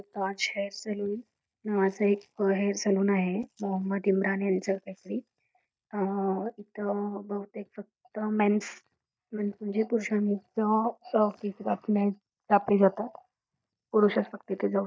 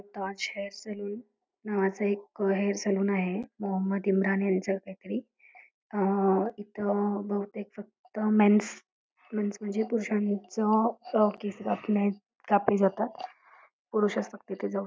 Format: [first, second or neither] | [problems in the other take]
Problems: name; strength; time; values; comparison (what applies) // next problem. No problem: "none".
second | noise reduction (neural mask model DeepFilterNet 3)